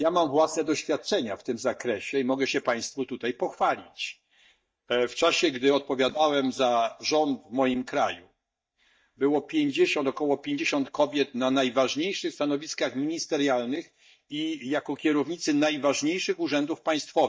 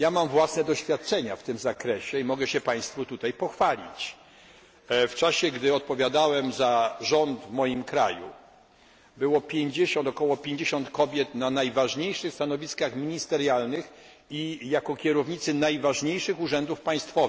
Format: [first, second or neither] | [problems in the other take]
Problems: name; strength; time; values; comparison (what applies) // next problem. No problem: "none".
second | noise reduction (neural mask model DeepFilterNet 3)